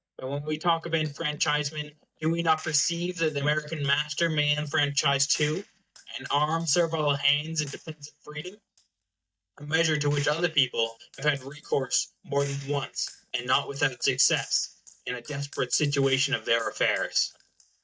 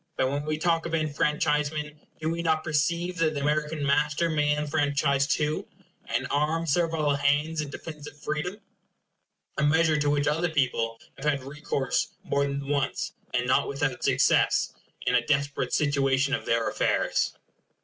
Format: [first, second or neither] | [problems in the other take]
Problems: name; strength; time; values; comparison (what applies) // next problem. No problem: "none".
second | noise reduction (neural mask model DeepFilterNet 3)